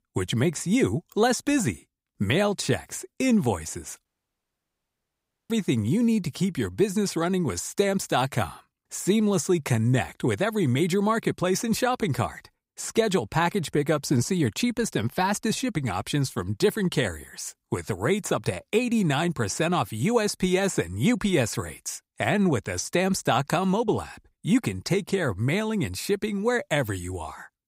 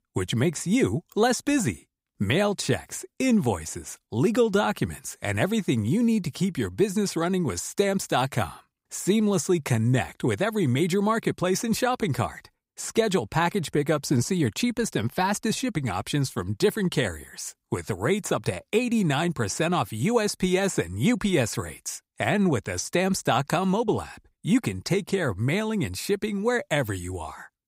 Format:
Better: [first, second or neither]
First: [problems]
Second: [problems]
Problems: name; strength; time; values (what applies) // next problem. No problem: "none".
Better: second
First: audio cutting out; at 4 s for 1.5 s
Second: none